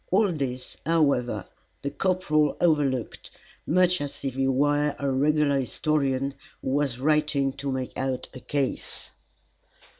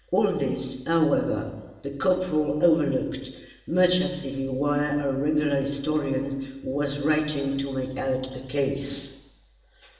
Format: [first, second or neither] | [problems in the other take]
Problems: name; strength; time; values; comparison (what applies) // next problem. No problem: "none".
first | room echo; dies away in 1.1 s